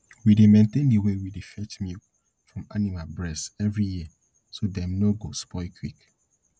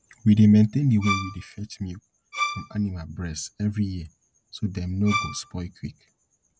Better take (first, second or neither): first